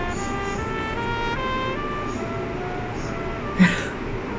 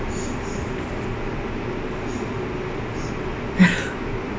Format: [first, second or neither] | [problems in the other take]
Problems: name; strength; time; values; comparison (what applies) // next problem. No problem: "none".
second | background sound (Trumpet); 6 dB below the speech